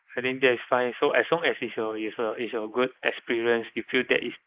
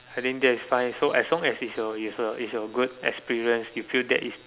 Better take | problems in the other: second | noise reduction (neural mask model Resemble Enhance denoiser)

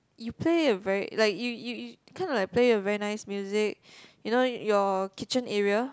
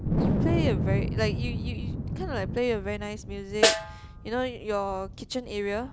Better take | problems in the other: first | background sound (Wind + Snare drum); 3 dB above the speech

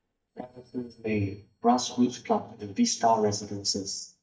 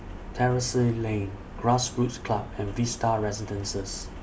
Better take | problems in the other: second | noise reduction (neural mask model DeepFilterNet 3)

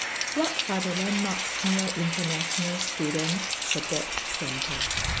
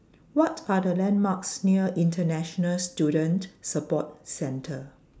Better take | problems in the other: second | background sound (Rain); 1 dB above the speech

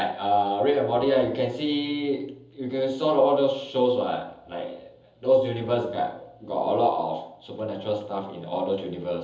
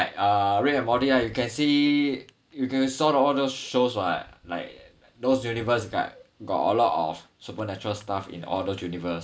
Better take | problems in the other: second | room echo; dies away in 0.7 s

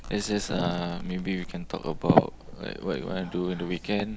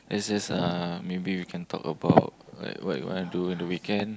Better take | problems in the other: second | background sound (Domestic sounds, home sounds); 13 dB below the speech

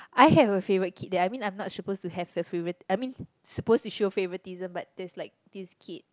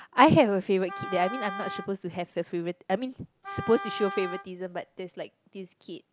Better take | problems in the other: first | background sound (Wind instrument, woodwind instrument); 11 dB below the speech

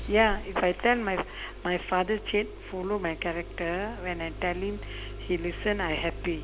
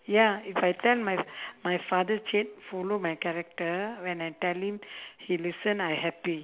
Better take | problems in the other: second | background sound (Engine starting); 10 dB below the speech

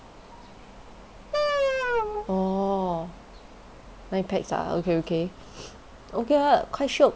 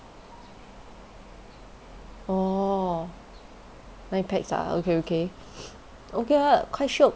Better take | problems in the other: second | background sound (Wind instrument, woodwind instrument); as loud as the speech

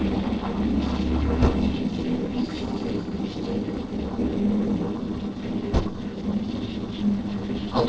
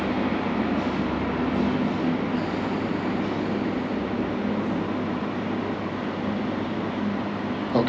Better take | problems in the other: second | noise reduction (neural separator model SepFormer DNS4)

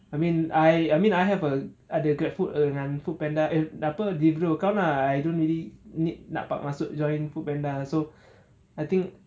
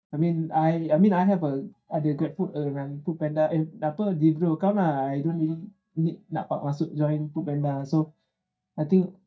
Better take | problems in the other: first | noise reduction (neural mask model DeepFilterNet 3)

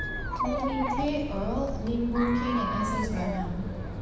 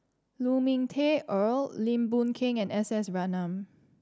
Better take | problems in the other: second | background sound (Chatter); 1 dB below the speech // room echo; dies away in 1.1 s

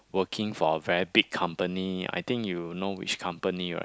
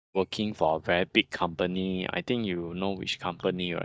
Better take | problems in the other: first | noise reduction (neural mask model DeepFilterNet 3)

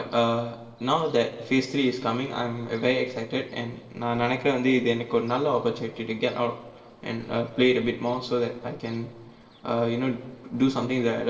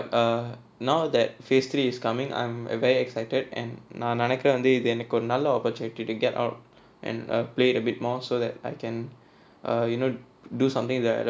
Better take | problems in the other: second | noise reduction (neural separator model SepFormer DNS4)

